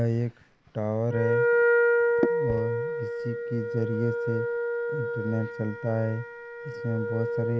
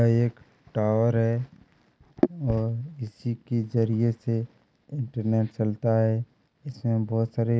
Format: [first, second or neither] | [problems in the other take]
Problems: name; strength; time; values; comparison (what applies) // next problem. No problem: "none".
second | background sound (Wind instrument, woodwind instrument); 3 dB above the speech